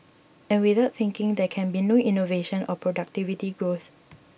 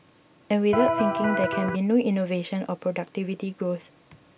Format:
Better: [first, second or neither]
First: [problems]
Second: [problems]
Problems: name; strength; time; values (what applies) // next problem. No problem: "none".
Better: first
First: none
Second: background sound (Electric guitar); 1 dB above the speech